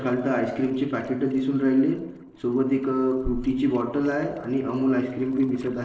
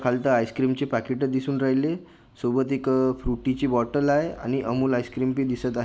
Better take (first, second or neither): second